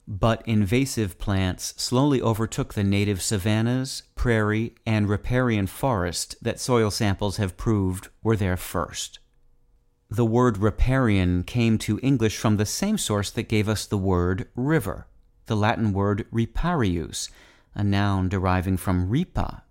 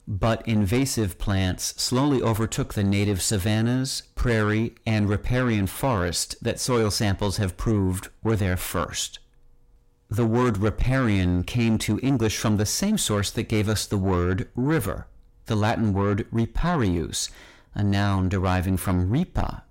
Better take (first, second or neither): first